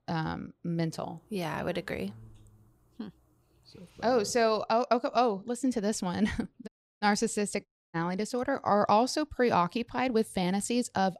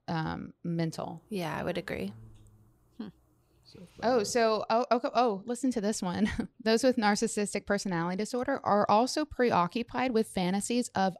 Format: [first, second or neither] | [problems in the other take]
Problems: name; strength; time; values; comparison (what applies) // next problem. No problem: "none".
second | audio cutting out; at 6.5 s and at 7.5 s